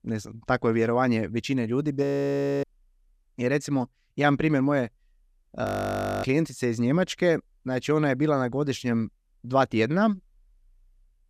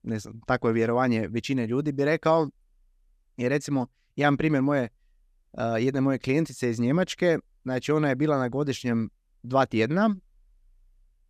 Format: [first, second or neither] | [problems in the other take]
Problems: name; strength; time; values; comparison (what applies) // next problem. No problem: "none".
second | audio freezing; at 2 s for 0.5 s and at 5.5 s for 0.5 s